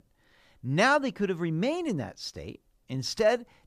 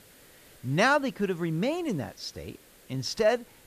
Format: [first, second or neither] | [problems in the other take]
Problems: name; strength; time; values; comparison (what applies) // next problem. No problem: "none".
first | hiss; faint; throughout; 25 dB below the speech